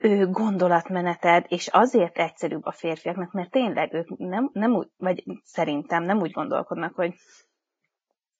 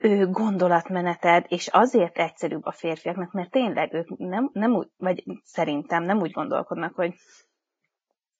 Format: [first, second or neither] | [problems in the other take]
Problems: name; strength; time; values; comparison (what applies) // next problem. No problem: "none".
neither | garbled, watery; badly; nothing above 7.5 kHz; the same in both